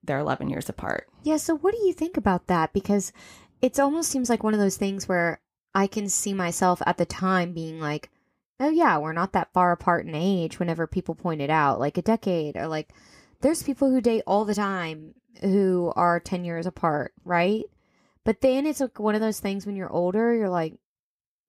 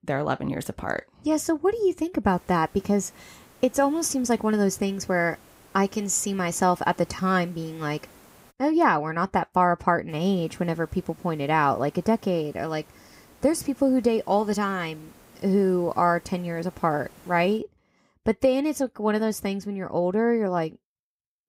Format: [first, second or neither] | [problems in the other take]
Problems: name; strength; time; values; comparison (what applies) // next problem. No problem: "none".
first | hiss; faint; from 2.5 to 8.5 s and from 10 to 18 s; 25 dB below the speech